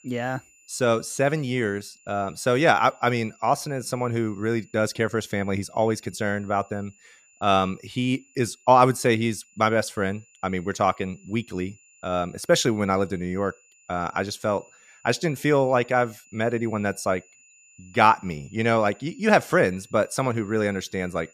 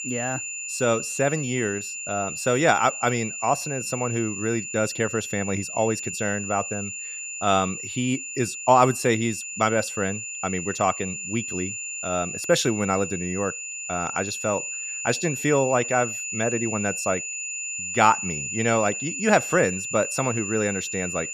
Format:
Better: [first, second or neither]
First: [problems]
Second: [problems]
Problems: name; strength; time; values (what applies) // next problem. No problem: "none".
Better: first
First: high-pitched whine; faint; throughout; 7 kHz, 30 dB below the speech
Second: high-pitched whine; loud; throughout; 7 kHz, 5 dB below the speech